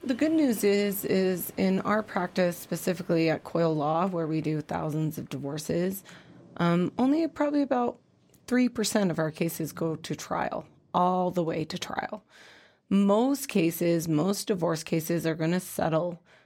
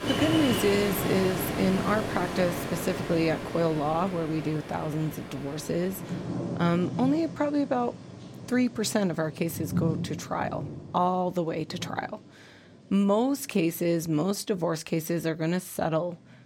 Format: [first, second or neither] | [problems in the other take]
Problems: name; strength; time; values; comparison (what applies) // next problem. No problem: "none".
first | rain or running water; loud; throughout; 6 dB below the speech; faint in the first